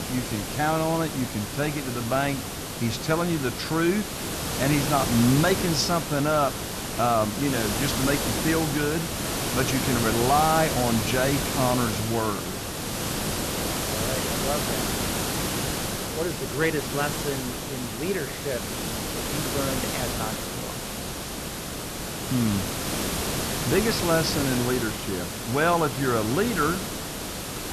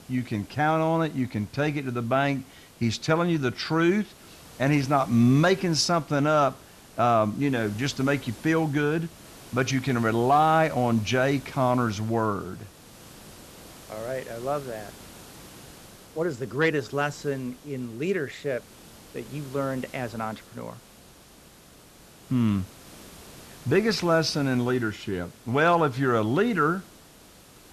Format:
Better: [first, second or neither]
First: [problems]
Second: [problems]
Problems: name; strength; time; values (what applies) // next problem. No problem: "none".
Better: second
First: hiss; loud; throughout; 2 dB below the speech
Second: hiss; faint; throughout; 20 dB below the speech